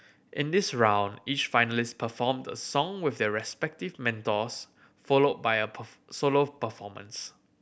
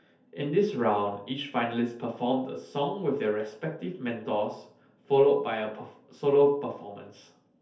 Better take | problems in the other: first | room echo; dies away in 0.5 s

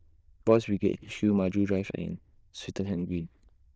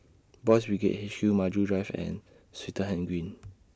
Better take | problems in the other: second | noise reduction (neural diffusion model UNIVERSE++)

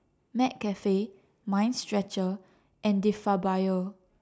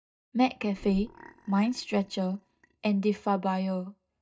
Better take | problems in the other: first | noise reduction (neural mask model DeepFilterNet 3)

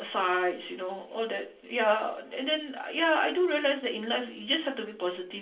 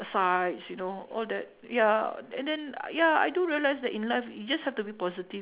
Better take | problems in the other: second | room echo; dies away in 0.3 s

